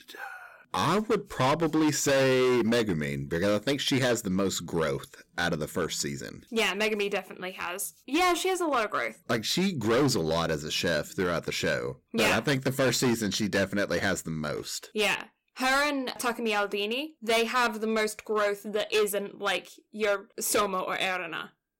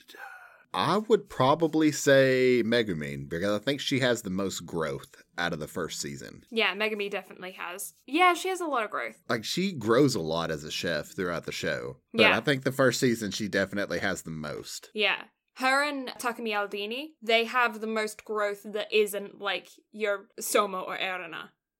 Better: second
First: distortion; heavy; 10% of the sound clipped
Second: none

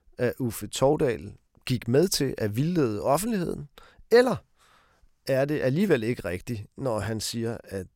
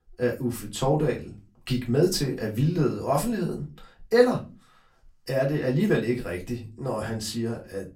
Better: first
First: none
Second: off-mic speech; far // room echo; very slight; dies away in 0.2 s

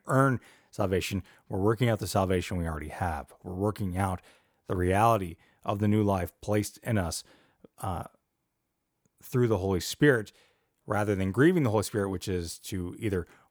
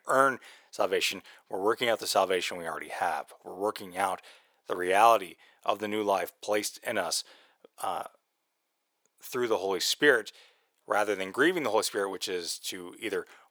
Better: first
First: none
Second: thin; very; fading below 550 Hz

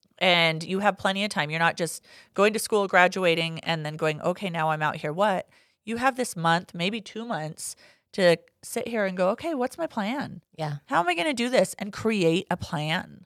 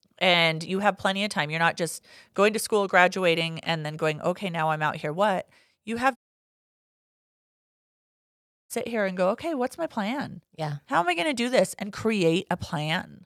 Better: first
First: none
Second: audio cutting out; at 6 s for 2.5 s

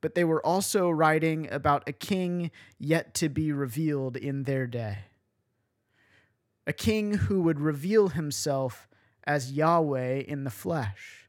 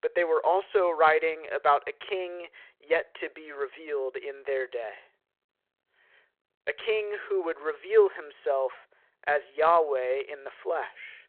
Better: first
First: none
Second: phone-call audio

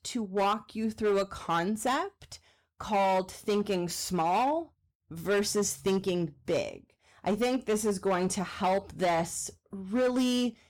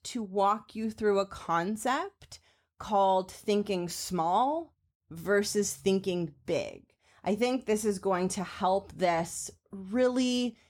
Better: second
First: distortion; slight; 9% of the sound clipped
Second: none

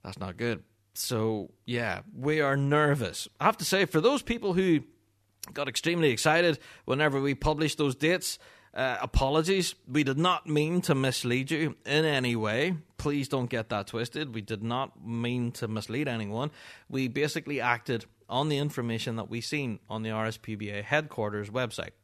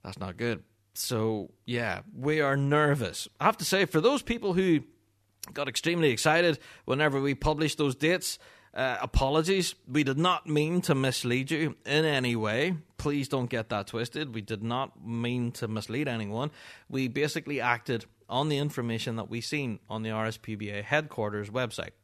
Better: neither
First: none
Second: none

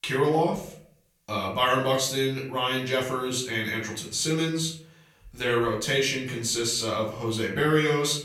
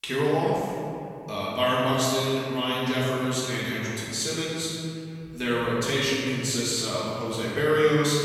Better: first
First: room echo; slight; dies away in 0.5 s // off-mic speech; far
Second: room echo; strong; dies away in 2.5 s // off-mic speech; far

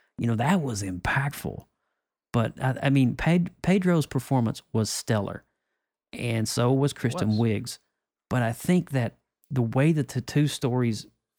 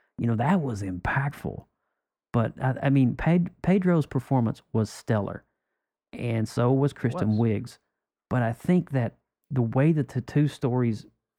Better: first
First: none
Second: muffled; slightly; fading above 2.5 kHz

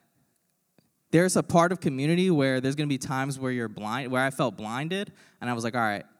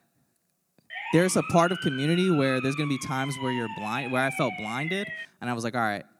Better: first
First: none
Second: siren; noticeable; from 1 to 5.5 s; peak 6 dB below the speech

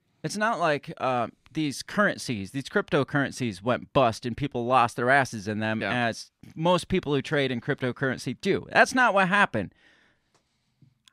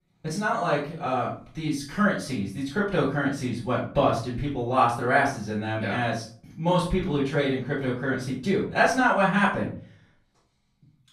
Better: first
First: none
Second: off-mic speech; far // room echo; noticeable; dies away in 0.4 s

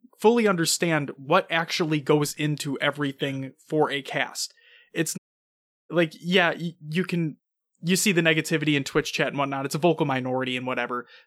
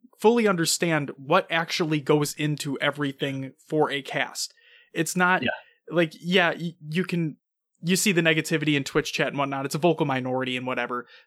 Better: second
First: audio cutting out; at 5 s for 0.5 s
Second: none

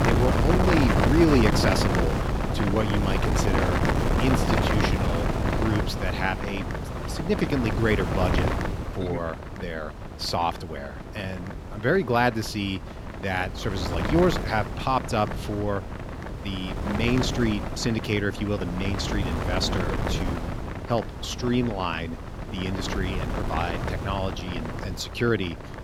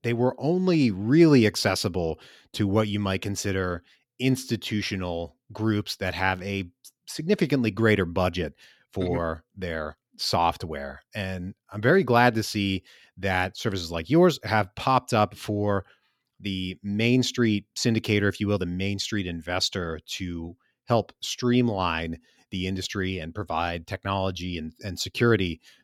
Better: second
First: wind noise on the microphone; heavy; 2 dB below the speech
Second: none

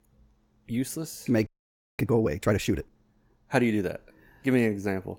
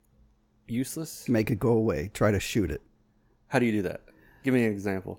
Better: second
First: audio freezing; at 1.5 s for 0.5 s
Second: none

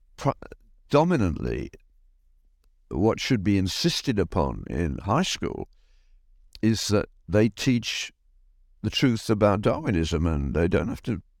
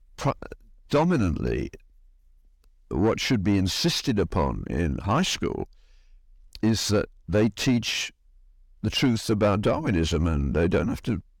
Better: first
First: none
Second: distortion; slight; 10 dB below the speech

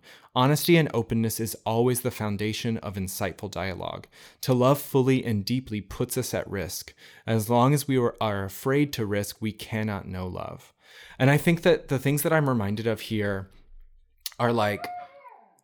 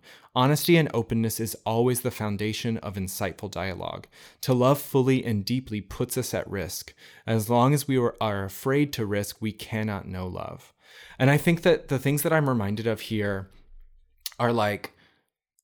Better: second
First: dog barking; faint; at 15 s; peak 15 dB below the speech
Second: none

